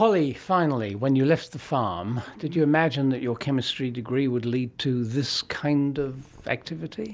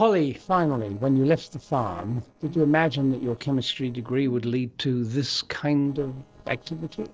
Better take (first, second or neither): first